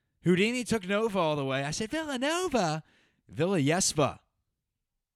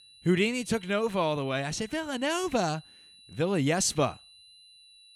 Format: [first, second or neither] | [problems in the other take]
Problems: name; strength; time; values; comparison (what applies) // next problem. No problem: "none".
first | high-pitched whine; faint; throughout; 4 kHz, 25 dB below the speech